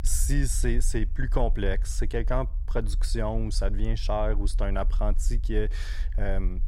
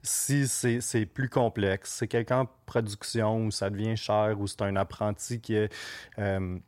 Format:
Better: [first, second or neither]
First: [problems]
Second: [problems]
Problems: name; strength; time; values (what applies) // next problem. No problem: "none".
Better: second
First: low rumble; faint; throughout; 20 dB below the speech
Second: none